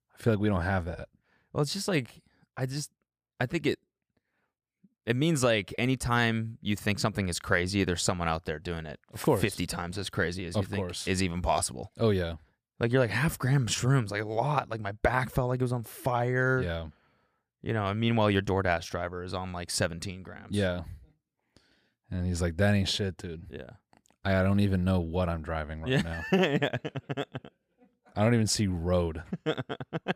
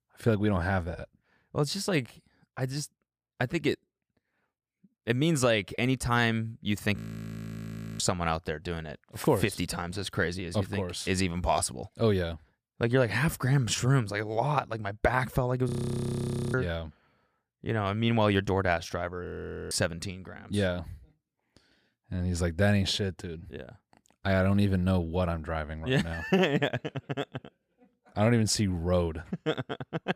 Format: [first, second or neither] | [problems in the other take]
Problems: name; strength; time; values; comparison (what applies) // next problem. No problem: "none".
first | audio freezing; at 7 s for 1 s, at 16 s for 1 s and at 19 s